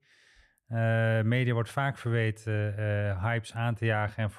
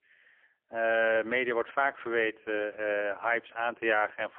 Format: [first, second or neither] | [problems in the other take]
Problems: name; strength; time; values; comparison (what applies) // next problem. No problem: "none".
first | phone-call audio; poor line; nothing above 3 kHz